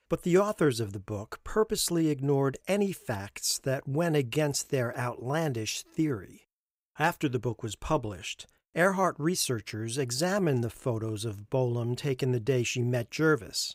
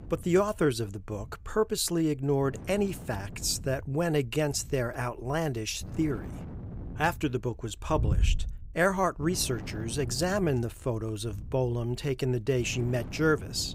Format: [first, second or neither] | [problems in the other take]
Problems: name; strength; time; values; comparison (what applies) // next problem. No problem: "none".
first | wind noise on the microphone; occasional gusts; 20 dB below the speech